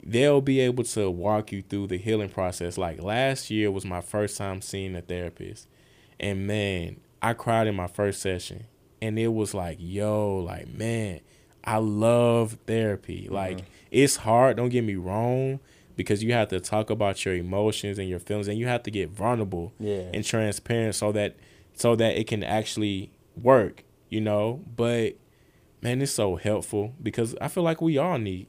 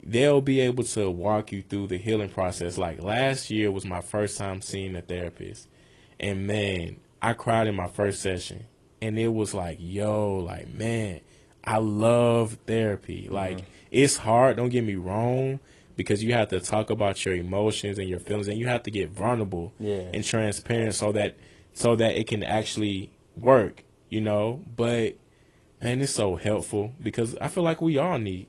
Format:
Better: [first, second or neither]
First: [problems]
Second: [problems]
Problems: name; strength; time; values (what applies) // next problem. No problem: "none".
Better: first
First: none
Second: garbled, watery; slightly